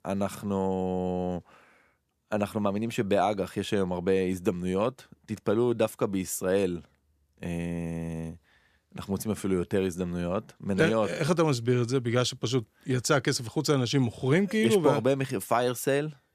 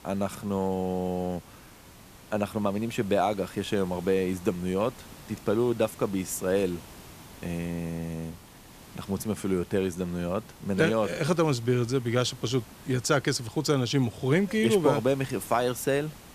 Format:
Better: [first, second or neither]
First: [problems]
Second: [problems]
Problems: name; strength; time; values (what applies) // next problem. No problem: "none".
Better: first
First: none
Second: hiss; faint; throughout; 20 dB below the speech